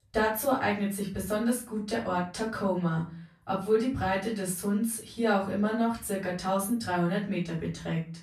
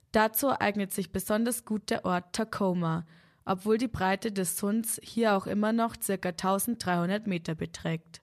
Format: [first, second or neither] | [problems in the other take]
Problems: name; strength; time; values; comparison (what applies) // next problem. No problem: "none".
second | off-mic speech; far // room echo; slight; dies away in 0.3 s